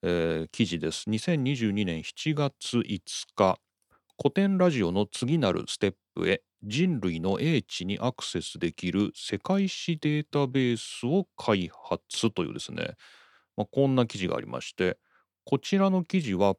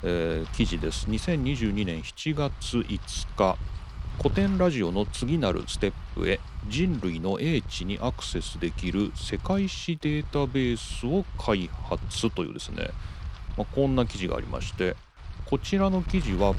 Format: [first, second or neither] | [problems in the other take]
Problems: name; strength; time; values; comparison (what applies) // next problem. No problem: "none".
first | wind noise on the microphone; occasional gusts; 15 dB below the speech